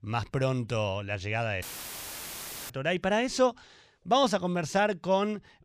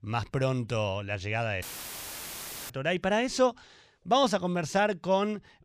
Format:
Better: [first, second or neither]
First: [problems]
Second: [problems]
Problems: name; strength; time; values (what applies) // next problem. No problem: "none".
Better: neither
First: audio cutting out; filled with static; at 1.5 s for 1 s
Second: audio cutting out; filled with static; at 1.5 s for 1 s